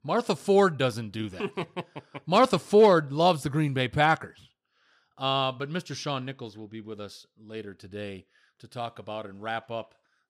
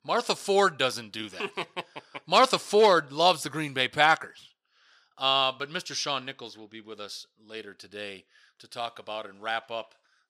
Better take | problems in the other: first | thin; somewhat; fading below 800 Hz

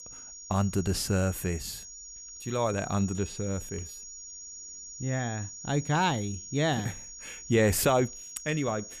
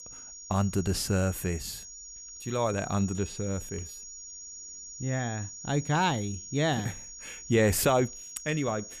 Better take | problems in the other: neither | high-pitched whine; noticeable; throughout; 6.5 kHz, 10 dB below the speech; the same in both

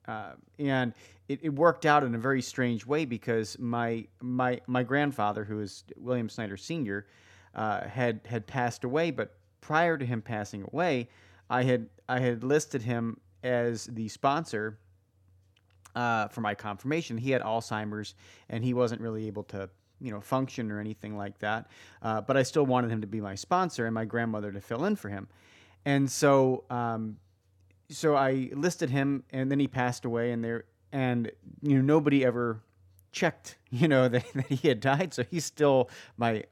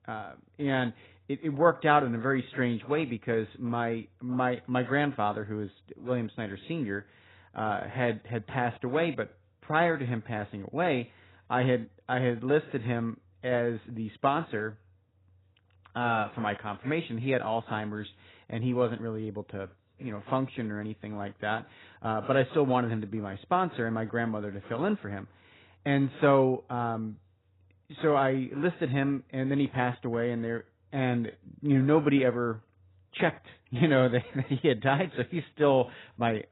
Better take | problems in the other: first | garbled, watery; badly; nothing above 4 kHz

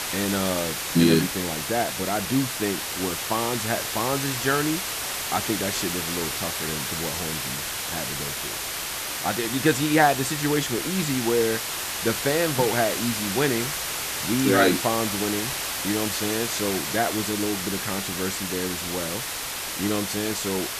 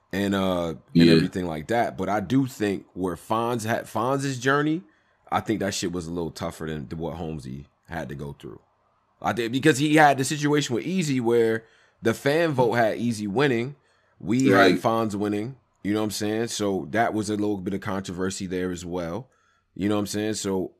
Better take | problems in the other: second | hiss; loud; throughout; 1 dB below the speech

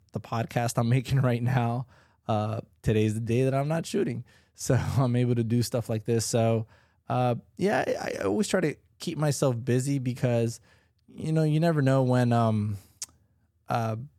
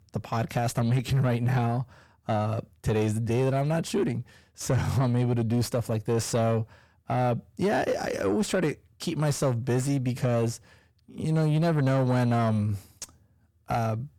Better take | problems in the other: first | distortion; slight; 10 dB below the speech

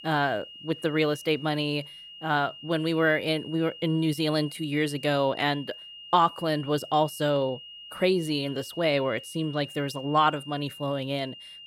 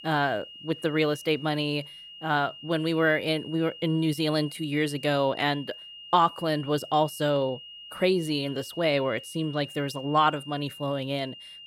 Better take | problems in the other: neither | high-pitched whine; noticeable; throughout; 3 kHz, 15 dB below the speech; the same in both

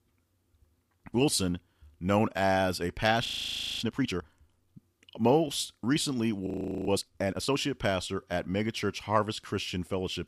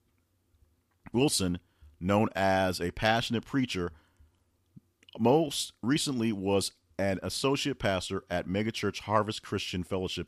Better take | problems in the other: second | audio freezing; at 3.5 s for 0.5 s and at 6.5 s

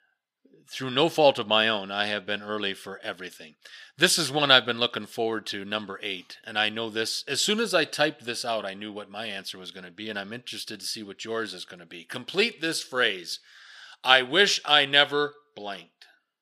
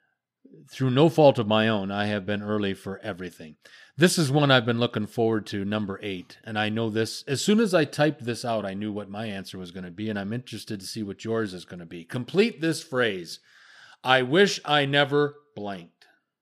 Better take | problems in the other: second | thin; somewhat; fading below 850 Hz

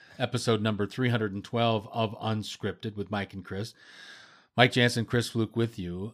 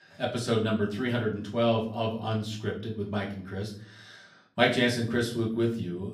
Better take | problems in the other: first | room echo; slight; dies away in 0.4 s // off-mic speech; far

